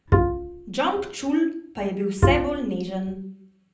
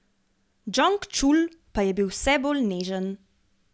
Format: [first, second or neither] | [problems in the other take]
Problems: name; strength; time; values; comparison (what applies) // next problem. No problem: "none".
second | background sound (Bowed string instrument); 3 dB above the speech // room echo; dies away in 0.6 s